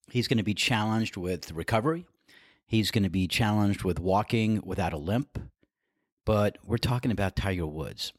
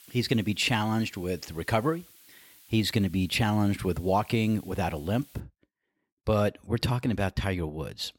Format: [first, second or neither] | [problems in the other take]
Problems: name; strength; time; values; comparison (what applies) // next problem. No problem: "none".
first | hiss; faint; until 5.5 s; 25 dB below the speech